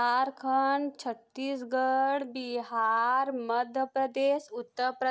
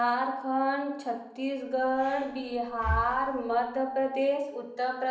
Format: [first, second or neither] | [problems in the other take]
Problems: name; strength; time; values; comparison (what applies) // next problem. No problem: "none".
first | background sound (Breathing); 10 dB below the speech // room echo; dies away in 0.8 s